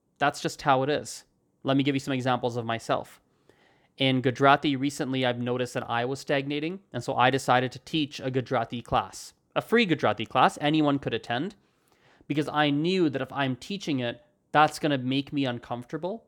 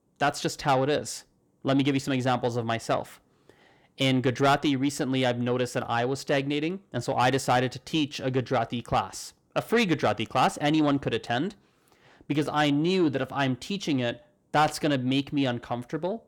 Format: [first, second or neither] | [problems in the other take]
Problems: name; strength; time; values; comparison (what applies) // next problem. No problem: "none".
first | distortion; slight; 10 dB below the speech